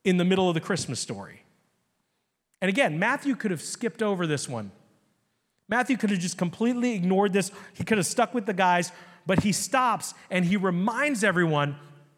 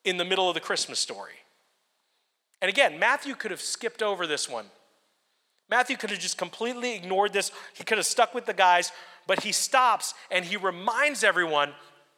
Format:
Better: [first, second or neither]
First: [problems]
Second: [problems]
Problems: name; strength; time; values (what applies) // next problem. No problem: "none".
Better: first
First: none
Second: thin; very; fading below 600 Hz